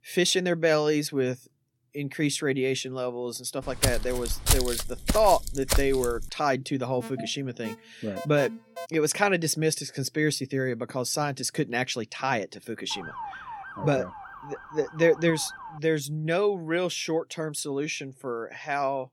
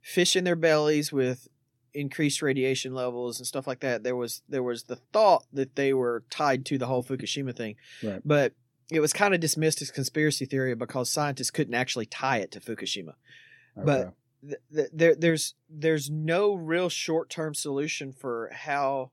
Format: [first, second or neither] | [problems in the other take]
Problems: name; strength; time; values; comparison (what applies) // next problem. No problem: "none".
second | footsteps; loud; from 4 to 6.5 s; peak 3 dB above the speech // alarm; faint; from 7 to 9 s; peak 10 dB below the speech // siren; faint; from 13 to 16 s; peak 10 dB below the speech